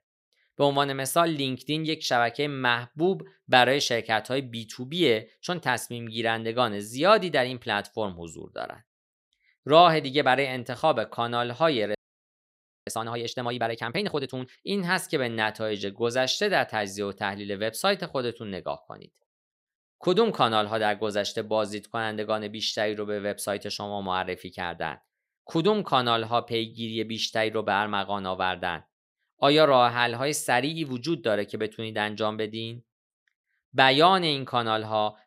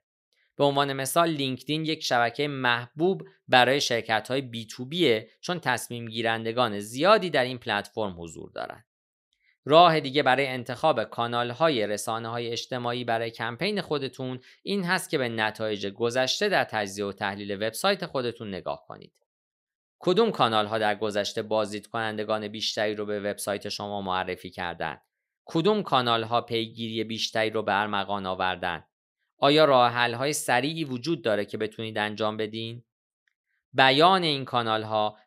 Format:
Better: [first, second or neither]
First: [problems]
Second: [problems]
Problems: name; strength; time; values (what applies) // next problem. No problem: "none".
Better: second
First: audio freezing; at 12 s for 1 s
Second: none